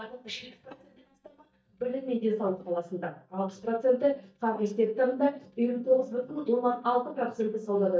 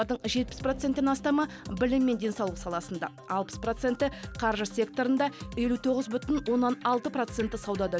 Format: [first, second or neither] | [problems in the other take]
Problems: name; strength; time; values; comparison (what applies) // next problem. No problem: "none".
second | noise reduction (neural mask model DeepFilterNet 3)